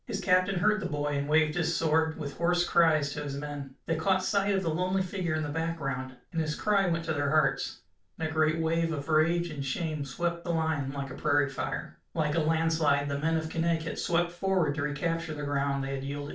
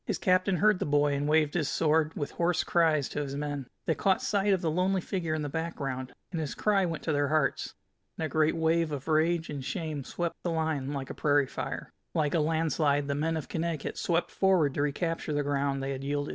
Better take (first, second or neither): second